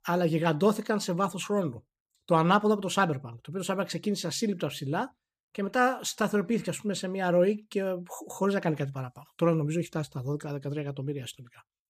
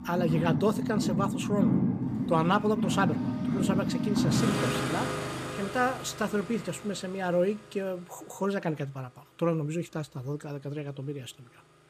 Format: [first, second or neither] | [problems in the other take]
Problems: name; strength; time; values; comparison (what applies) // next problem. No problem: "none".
first | traffic noise; very loud; throughout; 1 dB above the speech